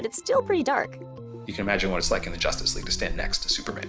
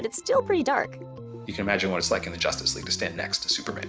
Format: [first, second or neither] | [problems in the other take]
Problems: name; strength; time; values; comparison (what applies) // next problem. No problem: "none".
second | background sound (Meow); 5 dB below the speech